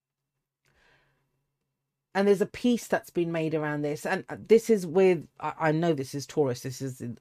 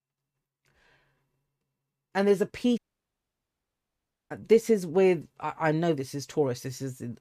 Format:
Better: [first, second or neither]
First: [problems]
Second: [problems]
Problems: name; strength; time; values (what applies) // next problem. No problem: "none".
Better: first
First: none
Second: audio cutting out; at 3 s for 1.5 s